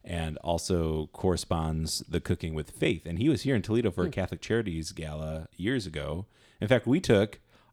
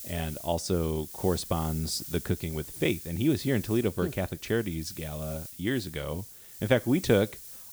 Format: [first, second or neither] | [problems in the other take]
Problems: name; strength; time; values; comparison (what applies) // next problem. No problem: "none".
first | hiss; noticeable; throughout; 10 dB below the speech